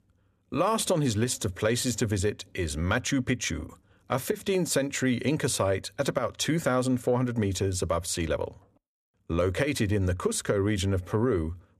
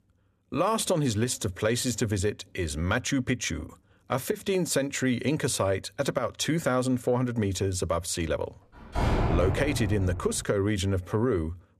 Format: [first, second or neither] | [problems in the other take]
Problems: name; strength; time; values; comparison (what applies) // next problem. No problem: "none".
first | door banging; loud; from 9 to 10 s; peak 1 dB above the speech